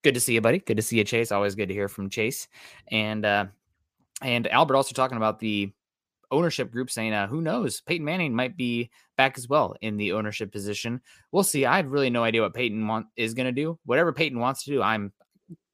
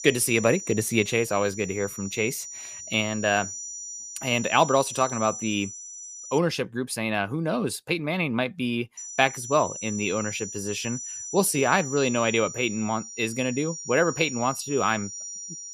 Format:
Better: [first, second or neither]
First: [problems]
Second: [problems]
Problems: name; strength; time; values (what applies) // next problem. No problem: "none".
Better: first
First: none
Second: high-pitched whine; loud; until 6.5 s and from 9 s on; 6 kHz, 9 dB below the speech